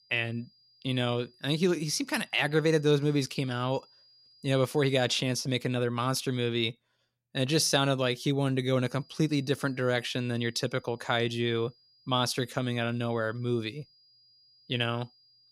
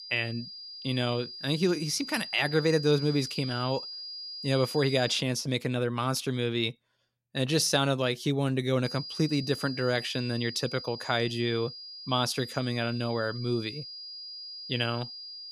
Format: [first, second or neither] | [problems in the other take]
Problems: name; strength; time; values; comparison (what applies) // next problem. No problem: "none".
first | high-pitched whine; loud; until 5 s and from 9 s on; 5 kHz, 10 dB below the speech; faint in the first